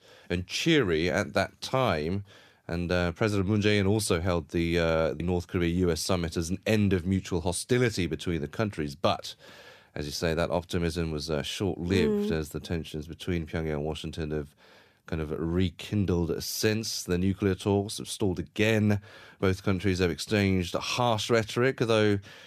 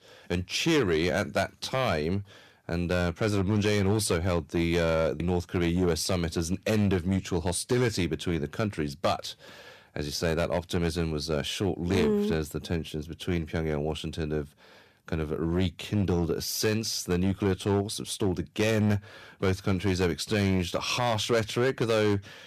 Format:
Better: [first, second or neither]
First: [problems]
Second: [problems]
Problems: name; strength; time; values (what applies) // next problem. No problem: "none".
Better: first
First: none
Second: distortion; slight; 5% of the sound clipped